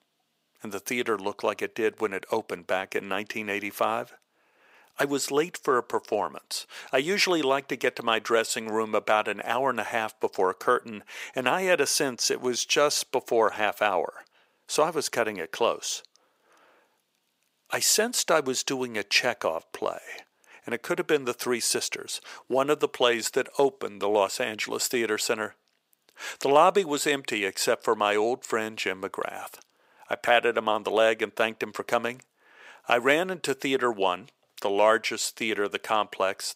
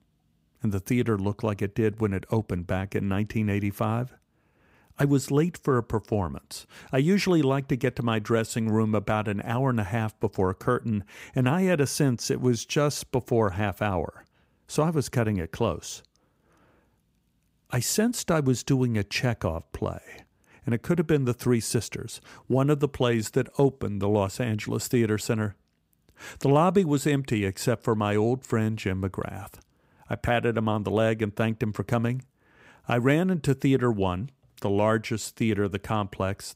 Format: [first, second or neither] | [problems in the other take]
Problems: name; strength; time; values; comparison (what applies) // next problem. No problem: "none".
second | thin; very; fading below 550 Hz